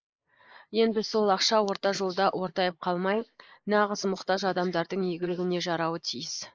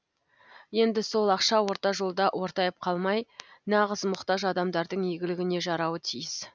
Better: second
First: noise reduction (neural mask model Resemble Enhance denoiser)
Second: none

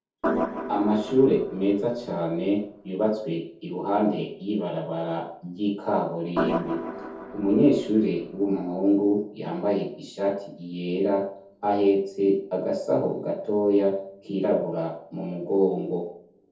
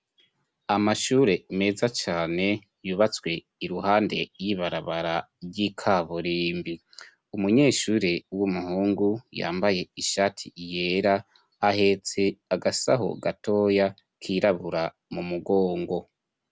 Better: second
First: noise reduction (neural separator model SepFormer DNS4)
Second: none

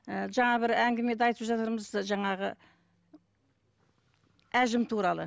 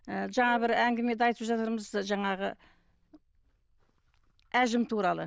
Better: first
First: none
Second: noise reduction (neural diffusion model UNIVERSE++)

